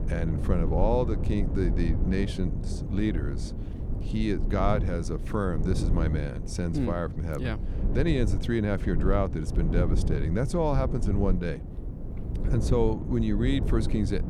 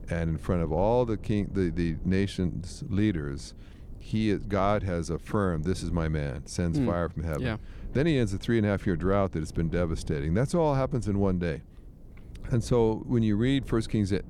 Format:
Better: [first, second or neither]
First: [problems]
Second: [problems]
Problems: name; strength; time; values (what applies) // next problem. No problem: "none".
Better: second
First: low rumble; loud; throughout; 9 dB below the speech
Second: low rumble; faint; throughout; 25 dB below the speech